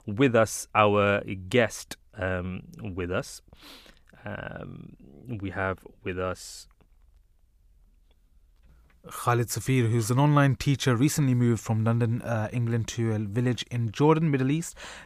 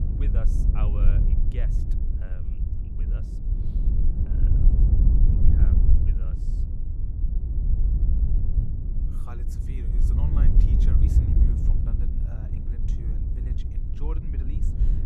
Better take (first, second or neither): first